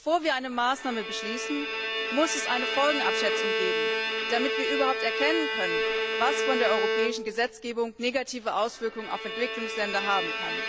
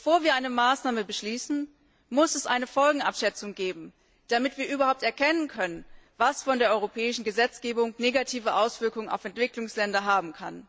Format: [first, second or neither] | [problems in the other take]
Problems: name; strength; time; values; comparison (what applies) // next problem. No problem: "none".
second | background sound (Bowed string instrument); as loud as the speech